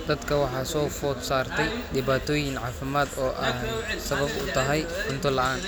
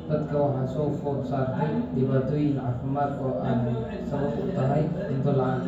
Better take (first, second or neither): first